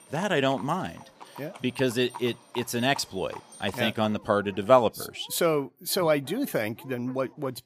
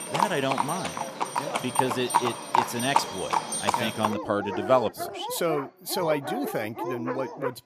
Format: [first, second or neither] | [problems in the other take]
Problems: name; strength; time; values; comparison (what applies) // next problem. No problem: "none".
first | animal sounds; loud; throughout; as loud as the speech; faint in the first